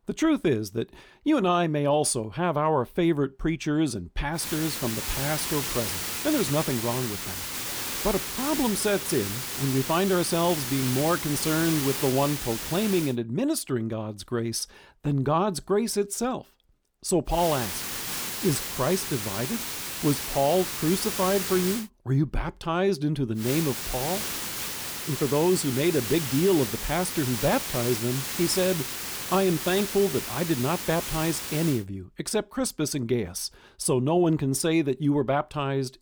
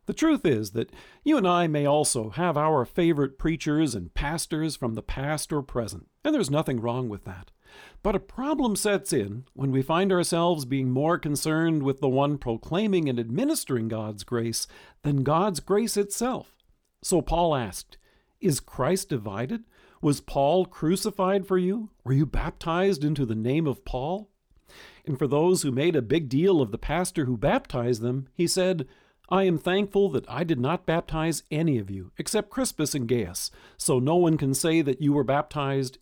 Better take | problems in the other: second | hiss; loud; from 4.5 to 13 s, from 17 to 22 s and from 23 to 32 s; 4 dB below the speech

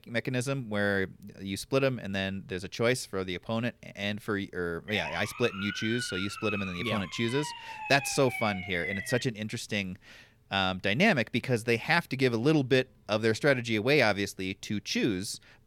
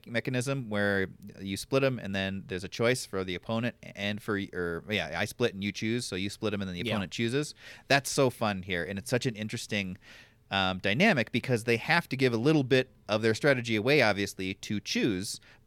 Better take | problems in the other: second | siren; noticeable; from 5 to 9 s; peak 5 dB below the speech

